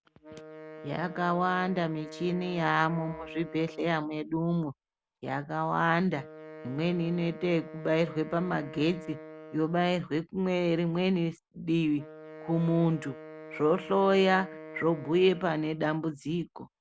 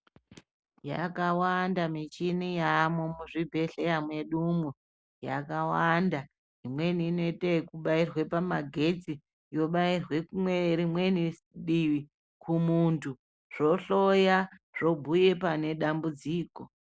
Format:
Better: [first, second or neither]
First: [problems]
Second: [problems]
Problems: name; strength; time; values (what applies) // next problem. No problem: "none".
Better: second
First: background sound (Wind instrument, woodwind instrument); 17 dB below the speech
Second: none